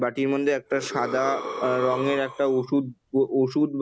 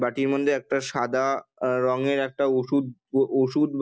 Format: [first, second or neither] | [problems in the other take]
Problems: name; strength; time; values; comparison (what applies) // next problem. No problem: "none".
second | background sound (Breathing); 11 dB below the speech